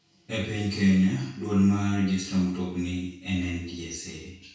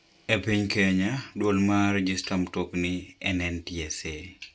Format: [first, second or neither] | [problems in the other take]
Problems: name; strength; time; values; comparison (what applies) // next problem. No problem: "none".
second | room echo; dies away in 0.6 s